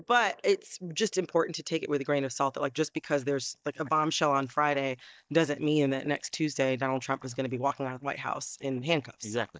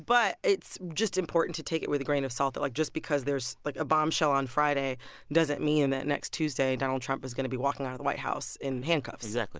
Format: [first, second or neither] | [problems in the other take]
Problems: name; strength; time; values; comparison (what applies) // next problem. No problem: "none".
second | noise reduction (neural mask model DeepFilterNet 3)